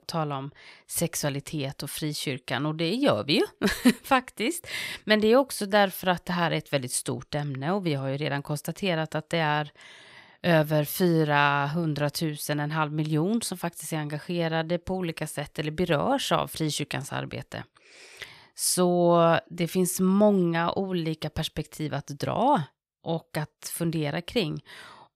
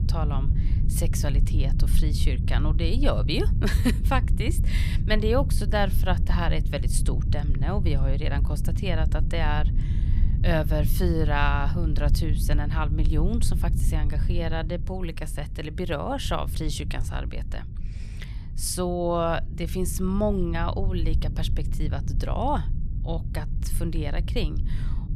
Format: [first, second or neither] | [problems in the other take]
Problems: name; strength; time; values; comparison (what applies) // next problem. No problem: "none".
first | low rumble; noticeable; throughout; 10 dB below the speech